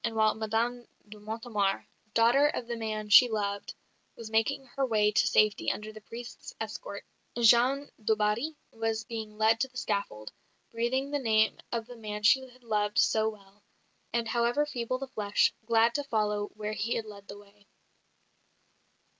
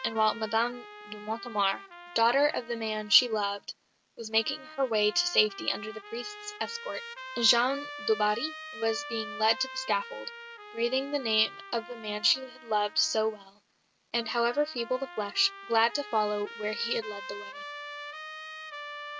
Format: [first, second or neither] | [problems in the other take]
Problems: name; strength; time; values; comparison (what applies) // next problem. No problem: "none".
first | background sound (Trumpet); 13 dB below the speech